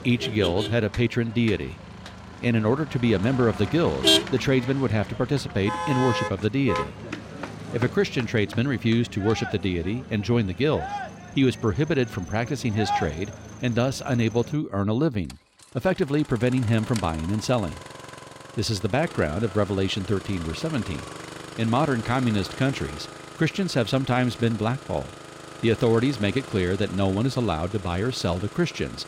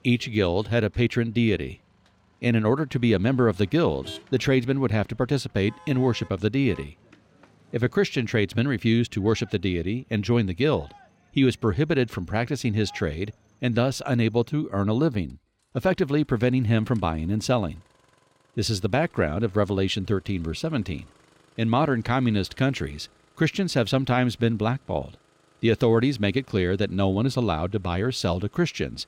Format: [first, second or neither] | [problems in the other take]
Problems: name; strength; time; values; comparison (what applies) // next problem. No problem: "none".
second | traffic noise; loud; throughout; 9 dB below the speech; faint in the second